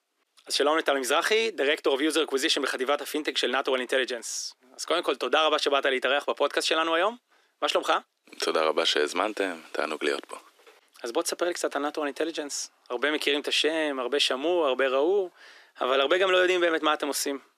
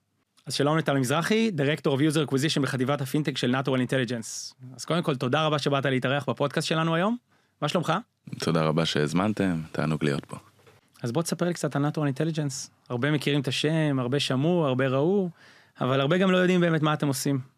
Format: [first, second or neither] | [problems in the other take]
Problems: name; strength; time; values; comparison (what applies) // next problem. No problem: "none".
second | thin; very; fading below 350 Hz